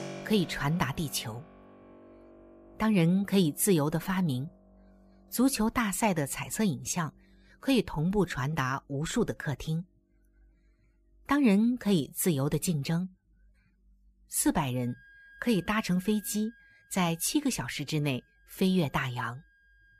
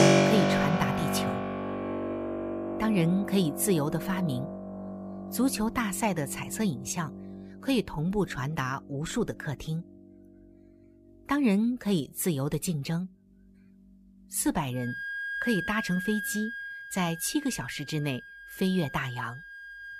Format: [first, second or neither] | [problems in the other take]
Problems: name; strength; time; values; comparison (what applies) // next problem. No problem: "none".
first | background music; loud; throughout; 3 dB below the speech; faint in the first